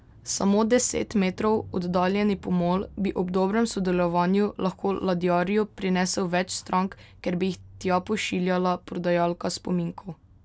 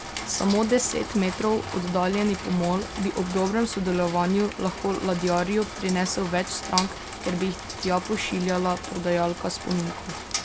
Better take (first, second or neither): first